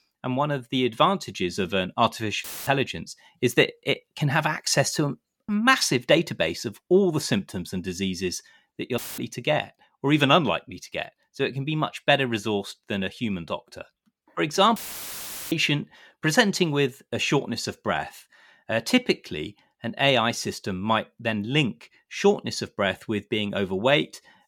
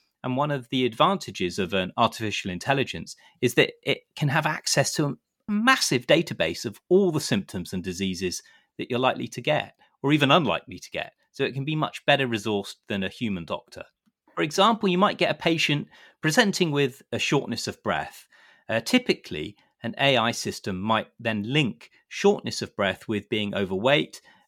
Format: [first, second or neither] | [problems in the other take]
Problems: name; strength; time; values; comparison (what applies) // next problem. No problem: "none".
second | audio cutting out; filled with static; at 2.5 s, at 9 s and at 15 s for 1 s